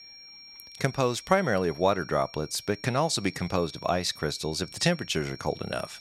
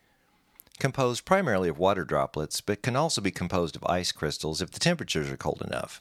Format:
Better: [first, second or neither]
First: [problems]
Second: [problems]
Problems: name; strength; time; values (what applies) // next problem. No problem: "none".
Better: second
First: high-pitched whine; noticeable; throughout; 5.5 kHz, 15 dB below the speech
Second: none